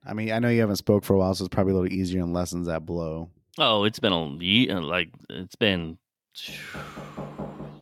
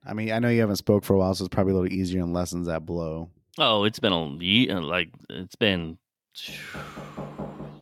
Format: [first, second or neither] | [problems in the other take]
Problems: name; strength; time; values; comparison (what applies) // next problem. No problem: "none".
neither | door banging; faint; from 6.5 s on; peak 10 dB below the speech; the same in both